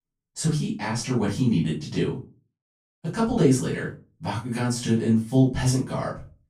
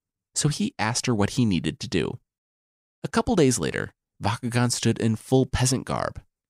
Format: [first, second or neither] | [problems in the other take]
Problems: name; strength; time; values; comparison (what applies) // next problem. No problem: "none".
second | off-mic speech; far // room echo; slight; dies away in 0.3 s